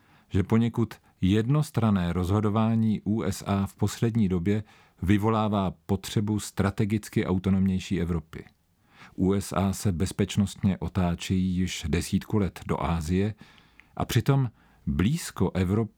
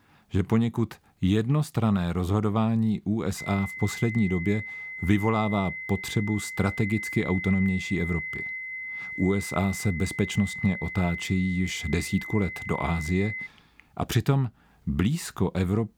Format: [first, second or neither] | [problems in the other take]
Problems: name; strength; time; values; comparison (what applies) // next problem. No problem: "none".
first | high-pitched whine; loud; from 3.5 to 13 s; 2 kHz, 7 dB below the speech